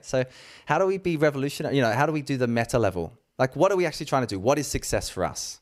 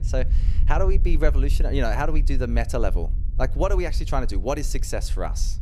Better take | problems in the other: first | low rumble; noticeable; throughout; 20 dB below the speech

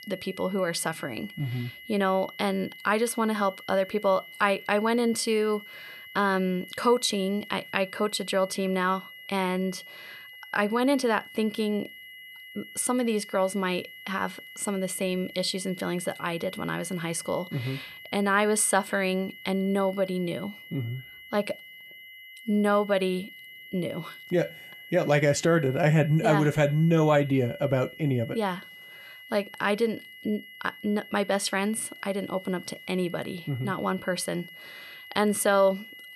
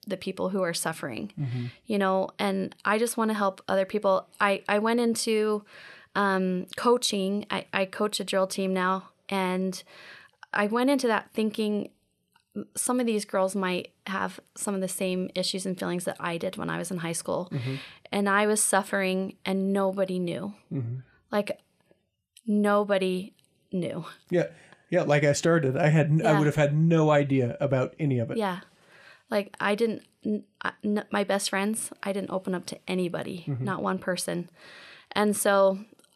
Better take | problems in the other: second | high-pitched whine; noticeable; throughout; 2 kHz, 15 dB below the speech

